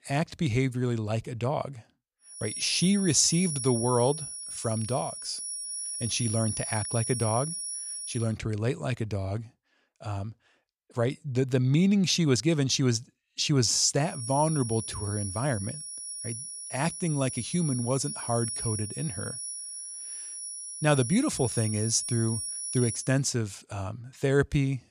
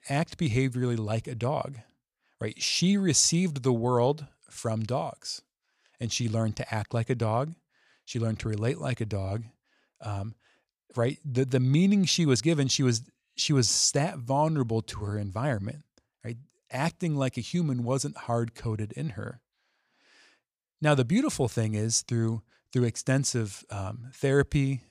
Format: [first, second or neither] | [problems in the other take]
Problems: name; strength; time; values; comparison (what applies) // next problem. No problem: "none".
second | high-pitched whine; loud; from 2.5 to 8 s and from 14 to 23 s; 10 kHz, 6 dB below the speech